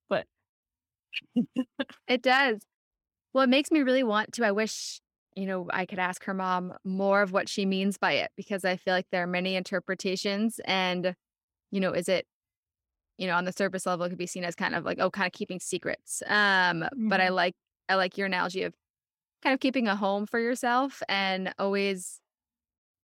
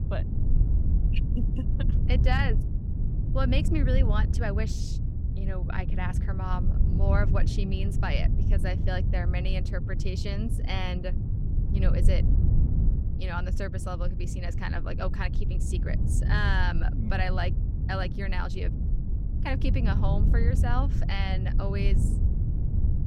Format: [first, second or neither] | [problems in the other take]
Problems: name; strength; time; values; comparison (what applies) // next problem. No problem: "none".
first | low rumble; loud; throughout; 7 dB below the speech